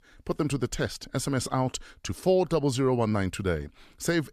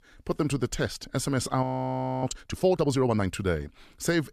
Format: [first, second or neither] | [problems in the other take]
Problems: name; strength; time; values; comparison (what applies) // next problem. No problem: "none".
first | audio freezing; at 1.5 s for 0.5 s